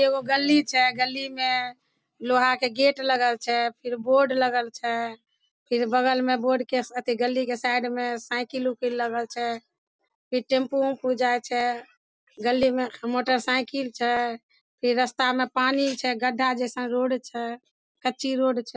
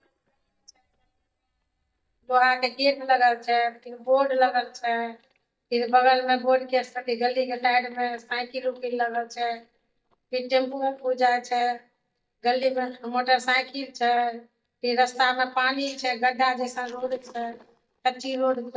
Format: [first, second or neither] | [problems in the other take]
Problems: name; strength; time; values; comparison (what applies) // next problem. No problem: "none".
first | noise reduction (neural mask model DeepFilterNet 3)